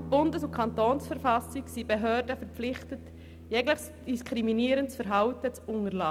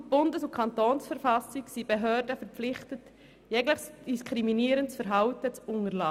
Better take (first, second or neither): second